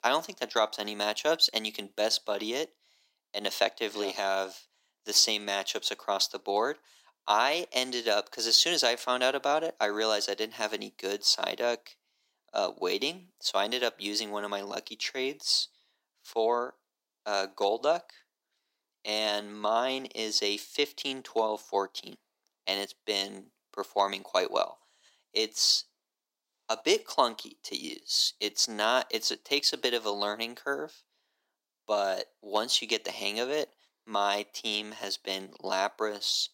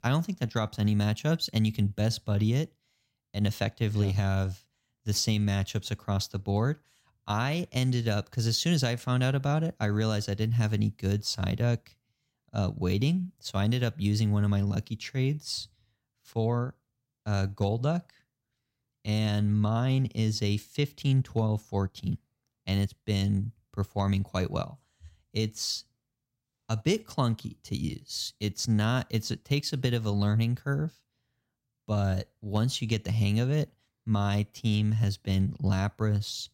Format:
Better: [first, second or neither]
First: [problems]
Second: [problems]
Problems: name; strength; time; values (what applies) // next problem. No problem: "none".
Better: second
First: thin; very; fading below 350 Hz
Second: none